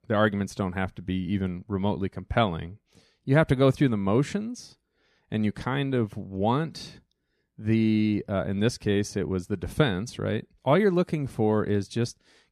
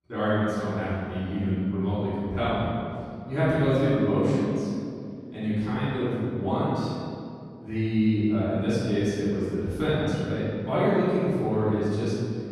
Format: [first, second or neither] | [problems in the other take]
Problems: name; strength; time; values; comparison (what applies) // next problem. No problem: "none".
first | off-mic speech; far // room echo; strong; dies away in 2.2 s